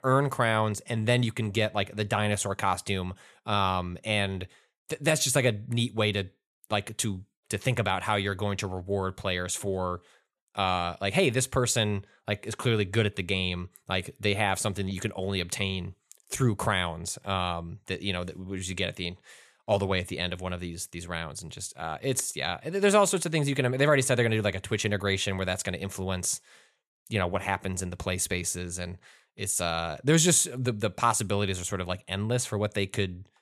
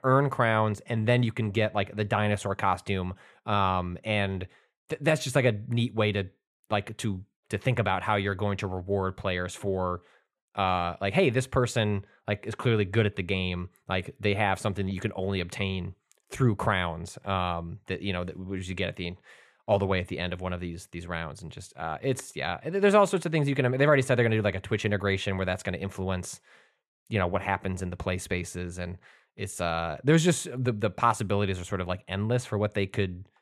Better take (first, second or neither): first